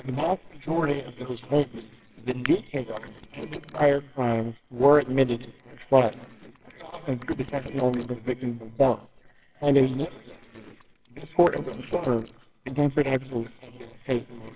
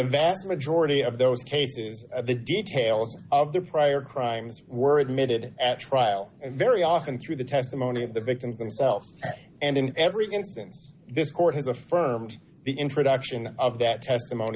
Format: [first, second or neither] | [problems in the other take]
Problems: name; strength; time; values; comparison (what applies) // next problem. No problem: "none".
second | noise reduction (neural separator model SepFormer WHAMR!)